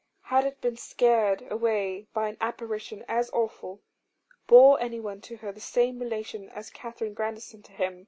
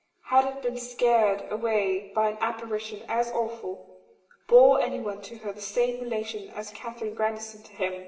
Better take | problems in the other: first | room echo; dies away in 1 s

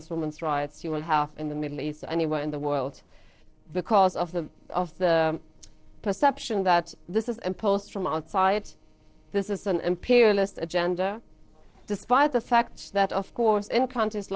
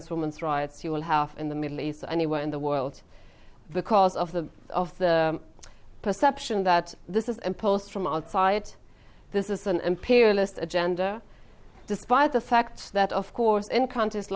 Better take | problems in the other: second | noise reduction (neural separator model SepFormer DNS4)

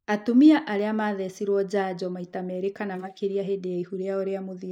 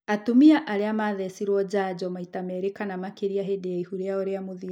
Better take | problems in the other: second | noise reduction (neural mask model Resemble Enhance denoiser)

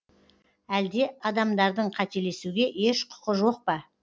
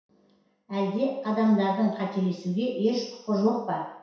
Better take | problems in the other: first | room echo; dies away in 0.7 s

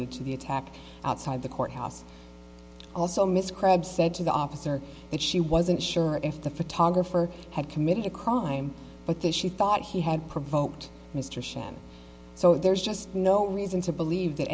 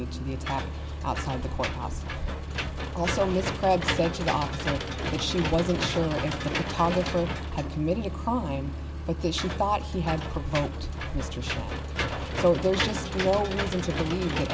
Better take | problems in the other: first | background sound (Engine / Mechanisms); 2 dB below the speech

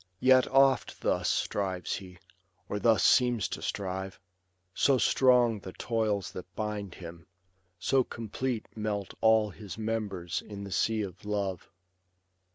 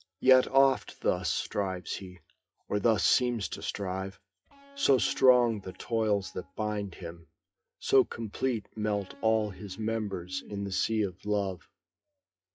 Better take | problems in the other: first | noise reduction (classical method WPE with log-MMSE)

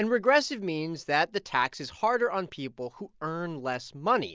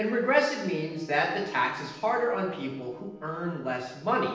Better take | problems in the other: first | noise reduction (neural separator model SepFormer DNS4)

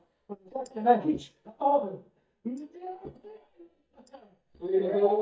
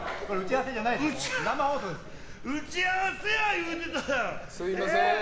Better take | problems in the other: second | noise reduction (neural mask model DeepFilterNet 3)

